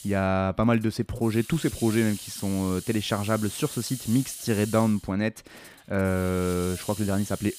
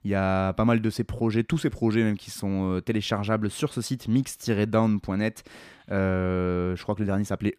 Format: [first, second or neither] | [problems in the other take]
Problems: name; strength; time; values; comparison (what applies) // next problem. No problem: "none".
second | hiss; noticeable; throughout; 10 dB below the speech